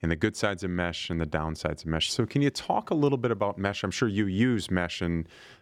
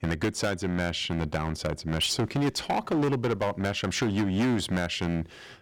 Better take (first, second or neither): first